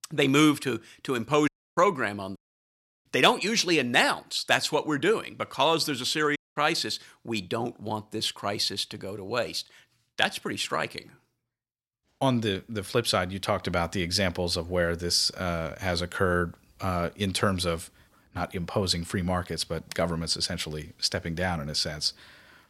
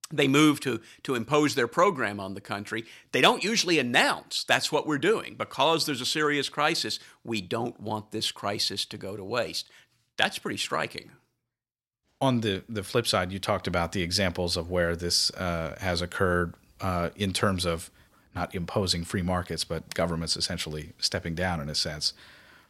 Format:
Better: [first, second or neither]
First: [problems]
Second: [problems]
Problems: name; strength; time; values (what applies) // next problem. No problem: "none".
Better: second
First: audio cutting out; at 1.5 s, at 2.5 s for 0.5 s and at 6.5 s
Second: none